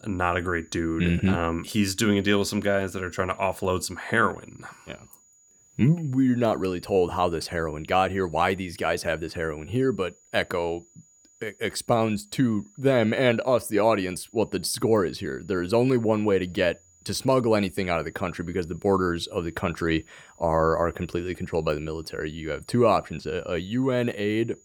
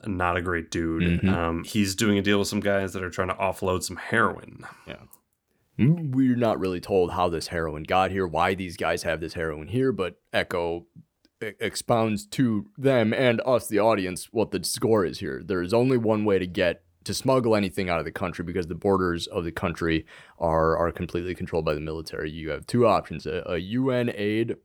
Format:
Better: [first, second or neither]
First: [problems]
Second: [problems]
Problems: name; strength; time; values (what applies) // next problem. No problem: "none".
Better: second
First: high-pitched whine; faint; throughout; 7 kHz, 30 dB below the speech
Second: none